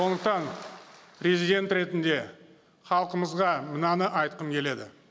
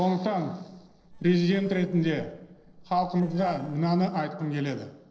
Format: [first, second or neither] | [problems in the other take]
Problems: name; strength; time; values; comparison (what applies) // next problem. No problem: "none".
first | noise reduction (neural separator model SepFormer DNS4)